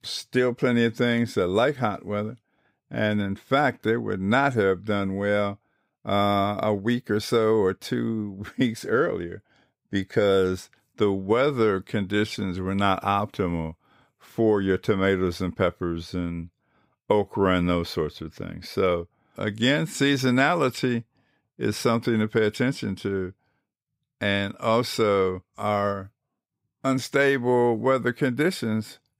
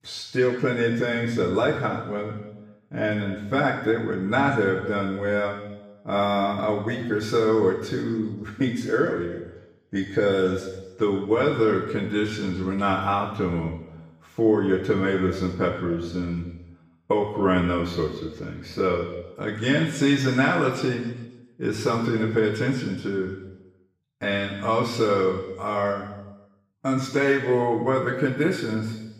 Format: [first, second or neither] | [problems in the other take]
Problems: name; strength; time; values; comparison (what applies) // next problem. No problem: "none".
first | room echo; noticeable; dies away in 1 s // off-mic speech; far